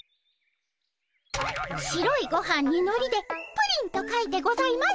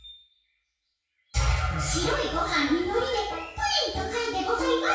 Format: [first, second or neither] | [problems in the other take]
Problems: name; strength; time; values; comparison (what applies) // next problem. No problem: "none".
first | room echo; dies away in 0.6 s